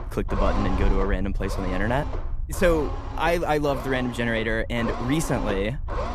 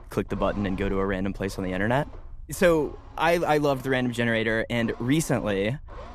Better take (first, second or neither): second